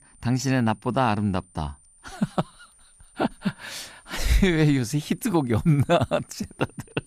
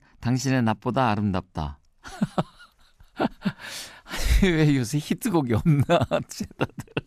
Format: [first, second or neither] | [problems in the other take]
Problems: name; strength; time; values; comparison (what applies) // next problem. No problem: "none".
second | high-pitched whine; faint; throughout; 9 kHz, 30 dB below the speech